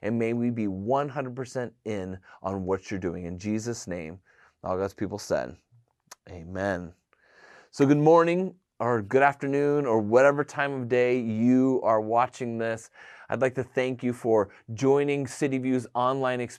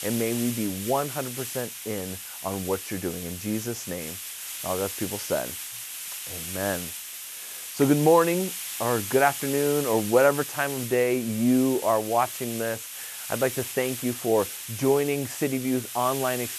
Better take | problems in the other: first | hiss; loud; throughout; 7 dB below the speech

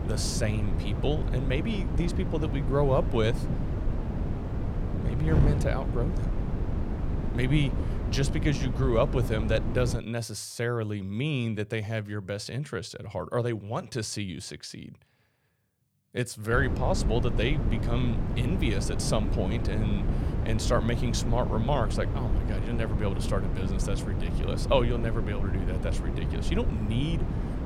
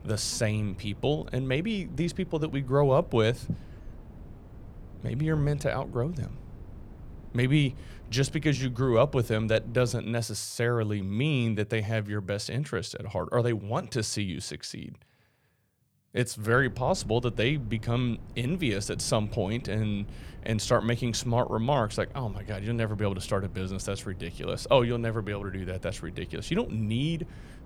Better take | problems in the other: second | wind noise on the microphone; heavy; until 10 s and from 17 s on; 7 dB below the speech; occasional gusts in the second

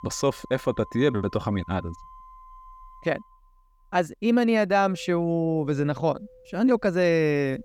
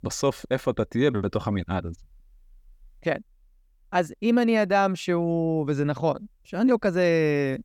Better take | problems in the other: second | background music; faint; throughout; 25 dB below the speech

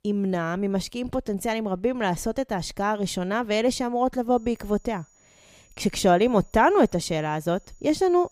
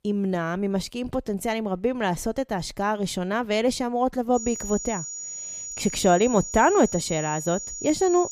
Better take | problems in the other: first | high-pitched whine; loud; from 4.5 s on; 7 kHz, 8 dB below the speech; faint in the first

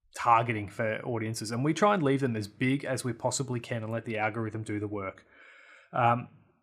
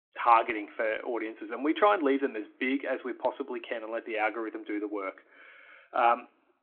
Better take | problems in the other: first | phone-call audio

